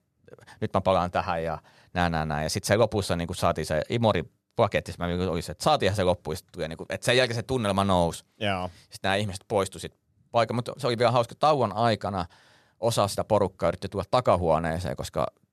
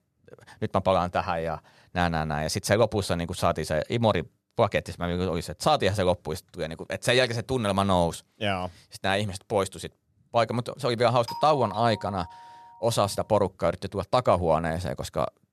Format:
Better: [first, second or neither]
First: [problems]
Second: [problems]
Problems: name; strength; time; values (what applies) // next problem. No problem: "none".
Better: first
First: none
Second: doorbell; faint; from 11 to 13 s; peak 10 dB below the speech